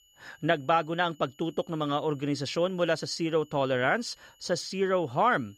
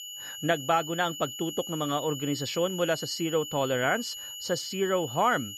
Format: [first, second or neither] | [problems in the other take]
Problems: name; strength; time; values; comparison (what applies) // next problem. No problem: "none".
first | high-pitched whine; loud; throughout; 3 kHz, 8 dB below the speech; faint in the first